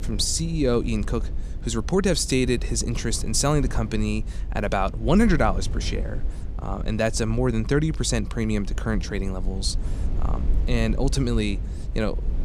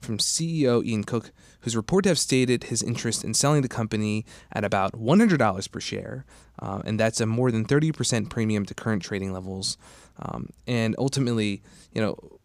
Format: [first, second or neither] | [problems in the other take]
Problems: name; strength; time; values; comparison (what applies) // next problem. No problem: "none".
second | low rumble; noticeable; throughout; 20 dB below the speech